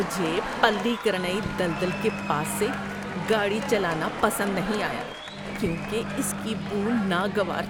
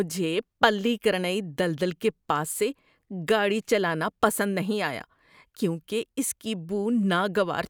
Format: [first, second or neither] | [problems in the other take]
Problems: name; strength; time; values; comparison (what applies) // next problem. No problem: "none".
second | background sound (Microwave oven + Applause); 4 dB below the speech